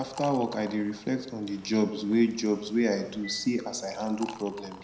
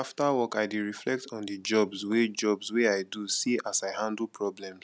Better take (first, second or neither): second